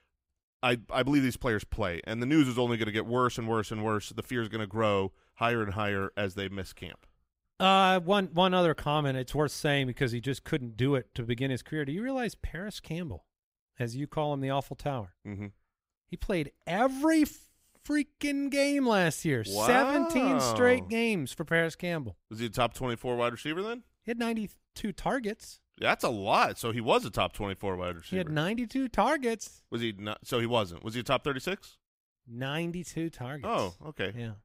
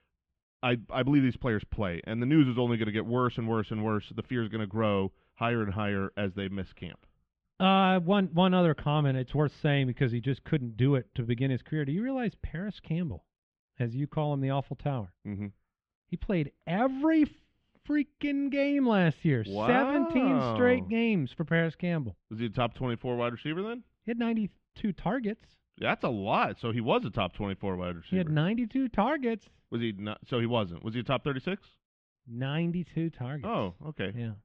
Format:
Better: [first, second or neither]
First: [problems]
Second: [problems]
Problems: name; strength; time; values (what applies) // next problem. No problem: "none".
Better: first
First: none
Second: muffled; very; fading above 3 kHz